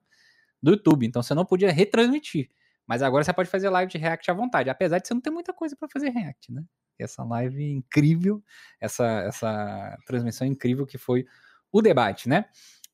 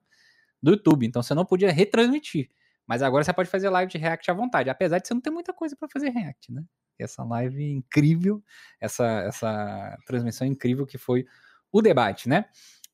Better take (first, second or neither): neither